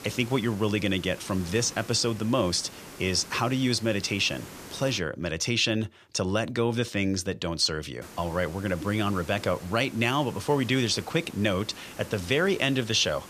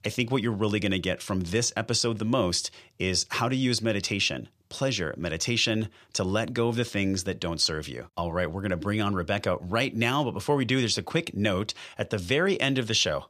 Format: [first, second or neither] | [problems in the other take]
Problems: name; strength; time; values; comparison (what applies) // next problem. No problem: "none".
second | hiss; noticeable; until 5 s and from 8 s on; 15 dB below the speech